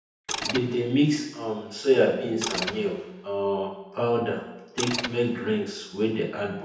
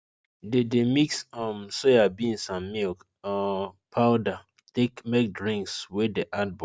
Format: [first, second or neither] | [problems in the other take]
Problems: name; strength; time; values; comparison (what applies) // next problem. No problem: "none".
second | background sound (Mechanisms); 10 dB below the speech // room echo; dies away in 0.9 s